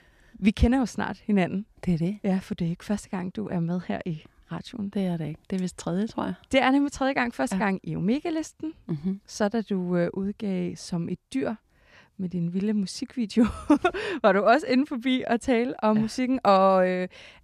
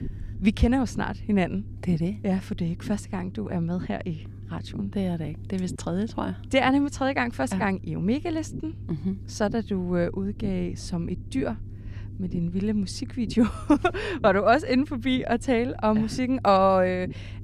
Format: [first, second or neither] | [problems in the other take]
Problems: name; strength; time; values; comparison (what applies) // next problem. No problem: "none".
first | low rumble; faint; throughout; 20 dB below the speech